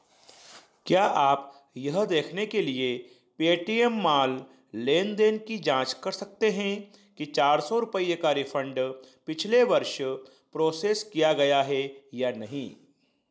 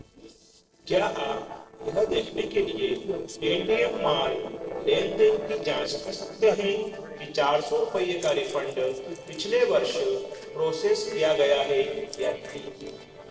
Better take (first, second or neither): first